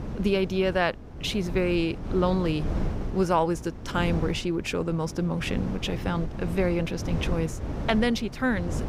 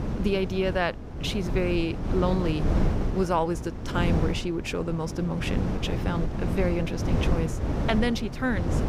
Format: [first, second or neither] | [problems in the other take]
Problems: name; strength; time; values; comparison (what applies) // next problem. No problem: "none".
first | wind noise on the microphone; heavy; 6 dB below the speech; occasional gusts in the first